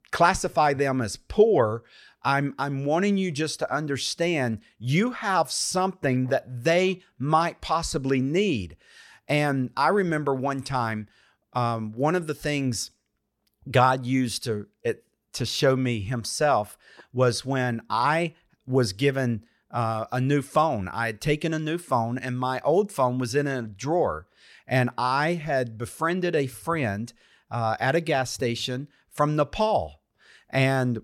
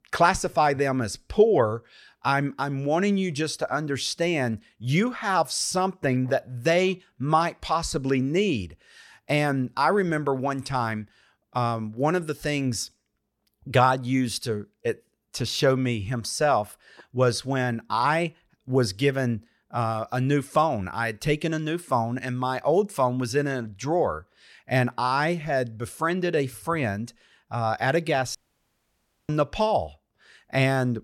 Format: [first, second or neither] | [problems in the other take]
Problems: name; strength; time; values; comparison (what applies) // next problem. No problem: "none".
first | audio cutting out; at 28 s for 1 s